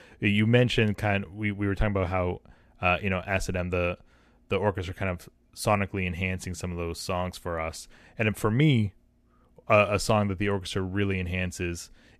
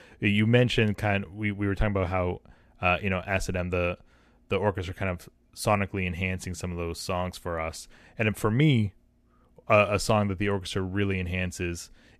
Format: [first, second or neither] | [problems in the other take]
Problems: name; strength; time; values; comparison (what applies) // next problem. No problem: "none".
neither | none